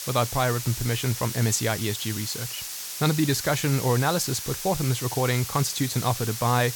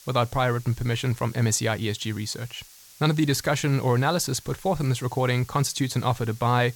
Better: second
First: hiss; loud; throughout; 6 dB below the speech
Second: hiss; faint; throughout; 20 dB below the speech

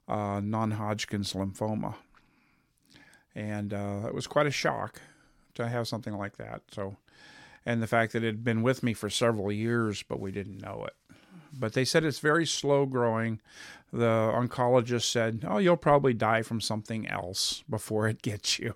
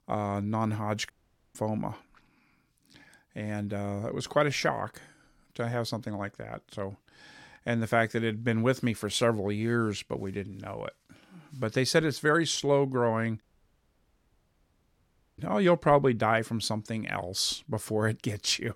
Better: first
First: none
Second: audio cutting out; at 1 s and at 13 s for 2 s

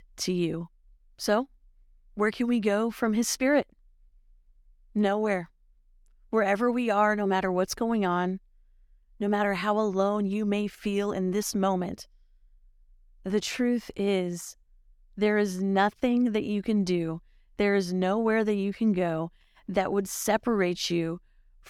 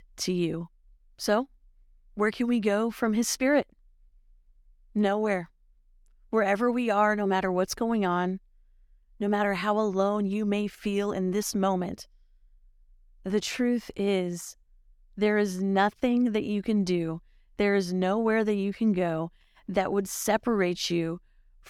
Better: neither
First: none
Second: none

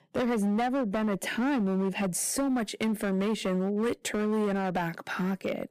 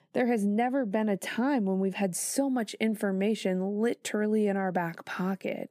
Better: second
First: distortion; slight; 17% of the sound clipped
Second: none

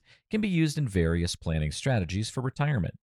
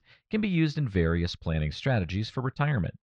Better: first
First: none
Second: muffled; very slightly; fading above 4.5 kHz

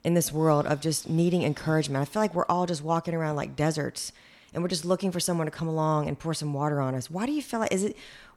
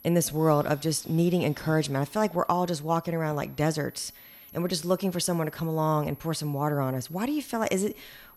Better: first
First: none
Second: high-pitched whine; faint; throughout; 11.5 kHz, 20 dB below the speech

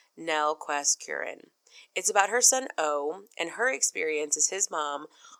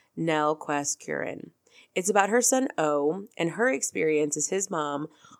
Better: second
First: thin; somewhat; fading below 600 Hz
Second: none

